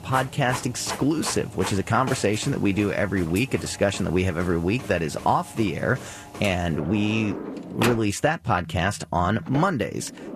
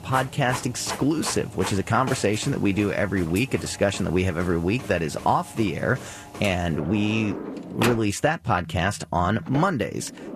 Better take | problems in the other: neither | household noises; noticeable; throughout; 10 dB below the speech; the same in both

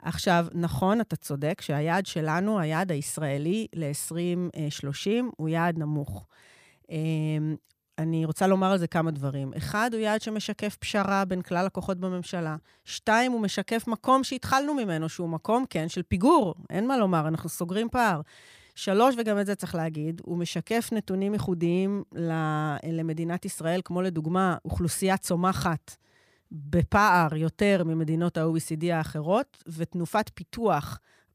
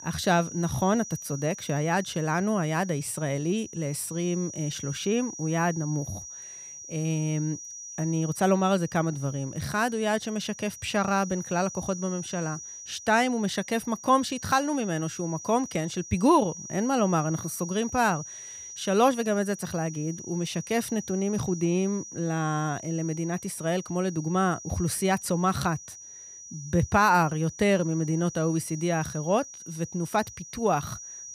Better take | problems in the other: first | high-pitched whine; noticeable; throughout; 6 kHz, 10 dB below the speech

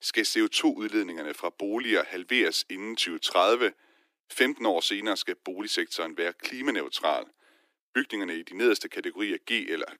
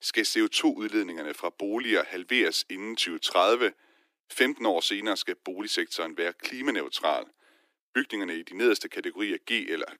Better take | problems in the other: neither | thin; somewhat; fading below 300 Hz; the same in both

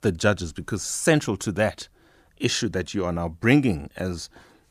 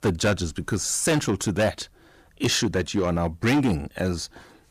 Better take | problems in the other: first | distortion; heavy; 8% of the sound clipped

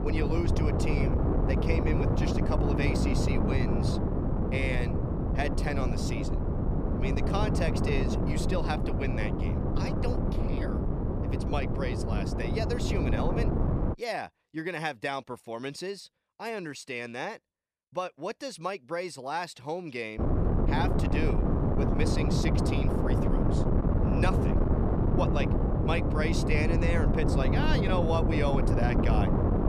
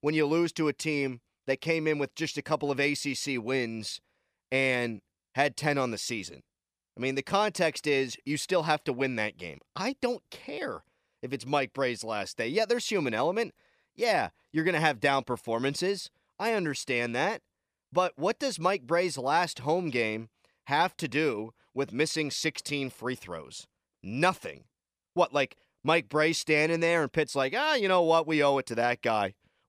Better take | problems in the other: second | wind noise on the microphone; heavy; until 14 s and from 20 s on; as loud as the speech

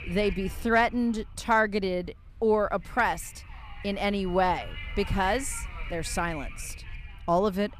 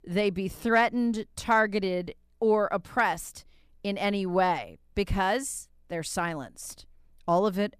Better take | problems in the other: second | wind noise on the microphone; occasional gusts; 15 dB below the speech

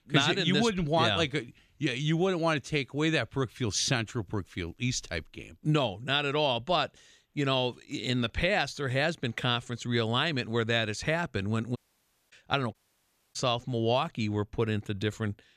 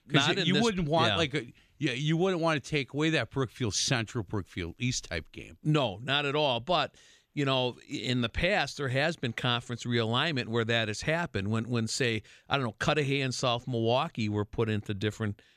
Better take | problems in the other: second | audio cutting out; at 12 s for 0.5 s and at 13 s for 0.5 s

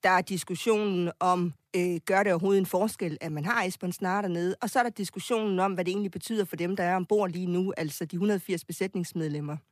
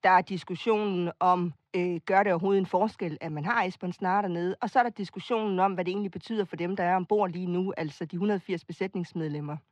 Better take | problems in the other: first | muffled; slightly; fading above 4 kHz

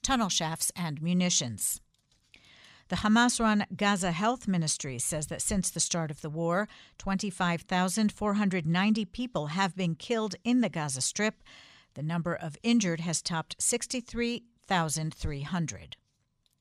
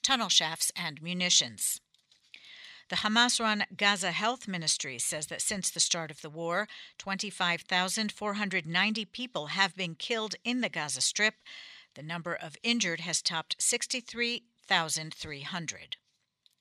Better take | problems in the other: first | thin; very slightly; fading below 400 Hz

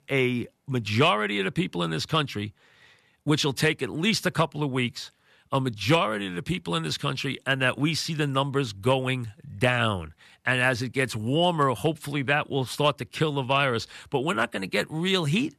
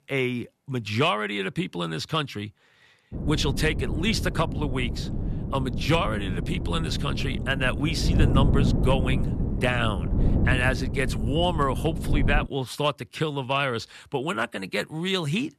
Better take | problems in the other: first | wind noise on the microphone; heavy; from 3 to 12 s; 10 dB below the speech

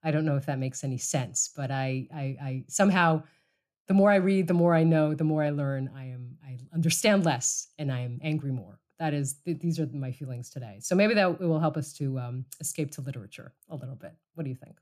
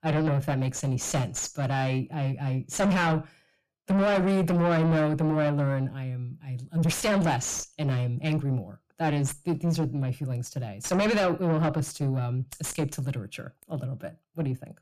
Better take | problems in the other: first | distortion; heavy; 5 dB below the speech

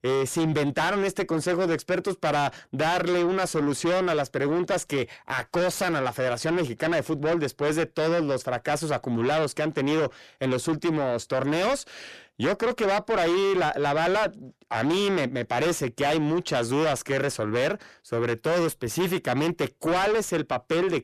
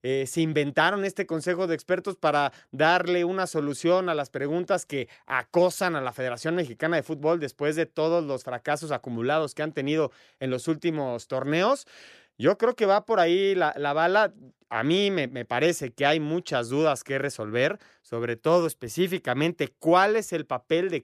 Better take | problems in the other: second | distortion; heavy; 6 dB below the speech

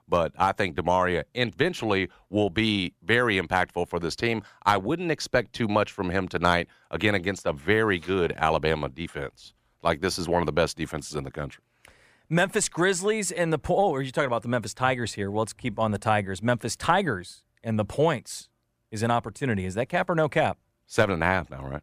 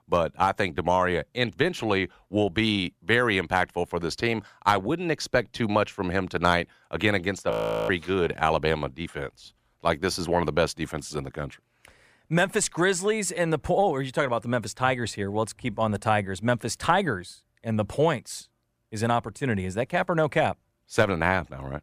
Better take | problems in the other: first | audio freezing; at 7.5 s

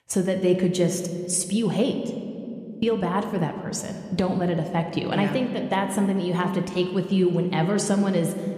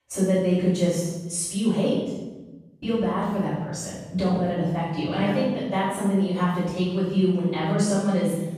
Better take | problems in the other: first | room echo; strong; dies away in 1 s; slight in the first // off-mic speech; far

